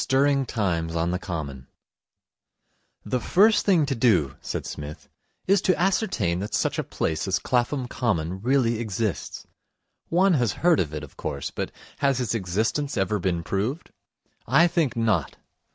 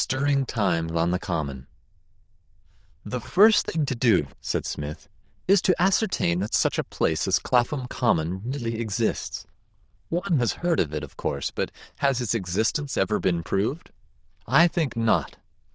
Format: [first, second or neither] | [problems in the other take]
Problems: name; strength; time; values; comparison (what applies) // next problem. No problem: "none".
first | noise reduction (neural diffusion model UNIVERSE++)